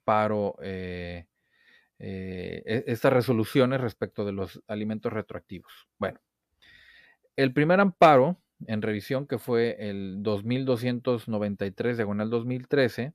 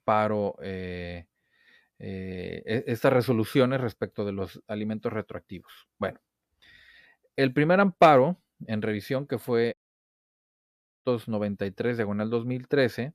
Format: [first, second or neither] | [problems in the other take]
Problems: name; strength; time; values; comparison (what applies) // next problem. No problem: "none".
first | audio cutting out; at 9.5 s for 1.5 s